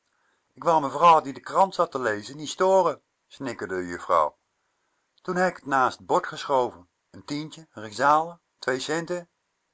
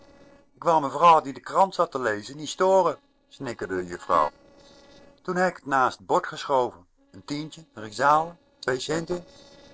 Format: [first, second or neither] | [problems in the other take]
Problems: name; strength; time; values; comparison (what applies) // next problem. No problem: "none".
first | noise reduction (neural separator model SepFormer DNS4)